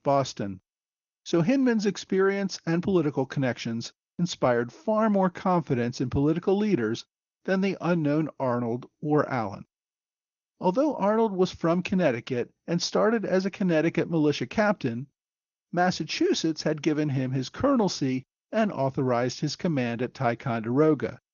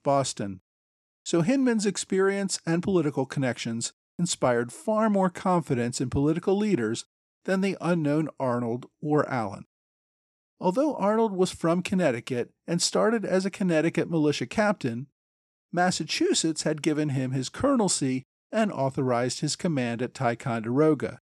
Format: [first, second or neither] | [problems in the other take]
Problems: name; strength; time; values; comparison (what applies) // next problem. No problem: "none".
second | garbled, watery; slightly; nothing above 6.5 kHz